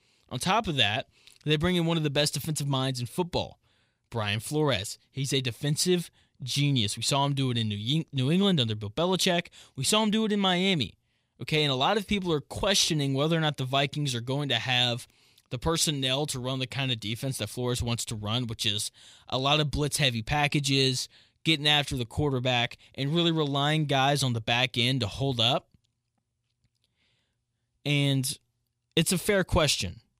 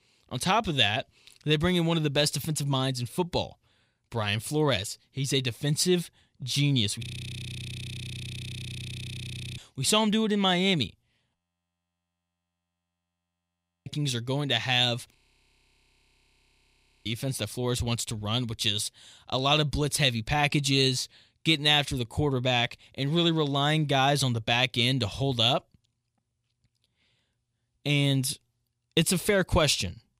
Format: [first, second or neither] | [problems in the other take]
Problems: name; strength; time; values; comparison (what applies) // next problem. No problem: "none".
first | audio freezing; at 7 s for 2.5 s, at 11 s for 2.5 s and at 15 s for 2 s